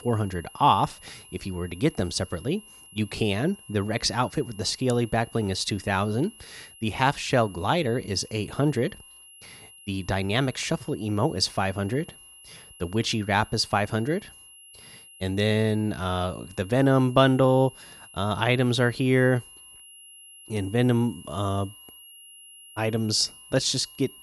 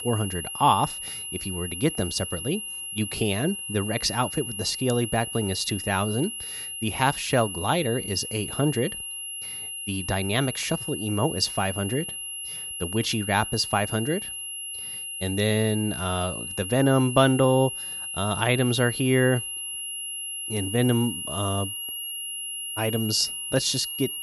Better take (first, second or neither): first